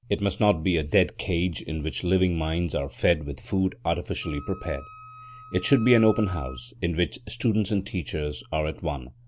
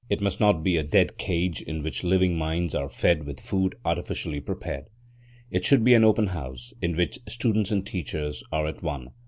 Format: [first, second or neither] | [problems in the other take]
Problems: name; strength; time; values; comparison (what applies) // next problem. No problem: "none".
second | background sound (Wind instrument, woodwind instrument); 18 dB below the speech